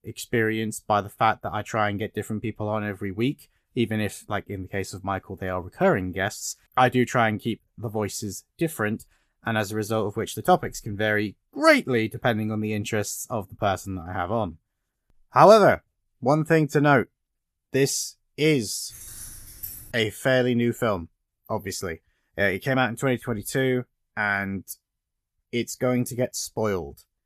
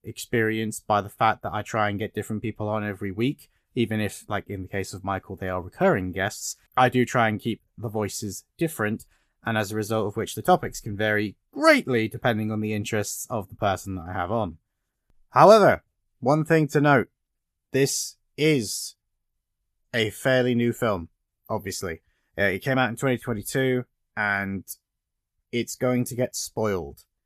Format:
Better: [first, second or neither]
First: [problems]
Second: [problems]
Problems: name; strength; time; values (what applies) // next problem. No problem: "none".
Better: second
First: jangling keys; faint; from 19 to 20 s; peak 10 dB below the speech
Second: none